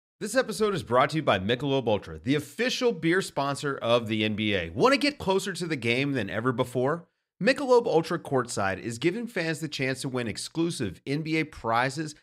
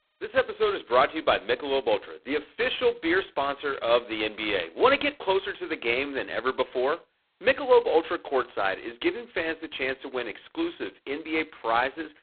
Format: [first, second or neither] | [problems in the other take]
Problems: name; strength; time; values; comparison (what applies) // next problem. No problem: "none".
first | phone-call audio; poor line; nothing above 4 kHz